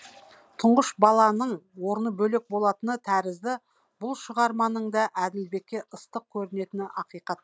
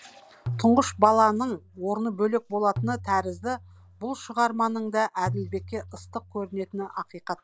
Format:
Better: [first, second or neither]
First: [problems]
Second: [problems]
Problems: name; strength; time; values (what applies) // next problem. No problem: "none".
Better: first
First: none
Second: background sound (Tabla); 12 dB below the speech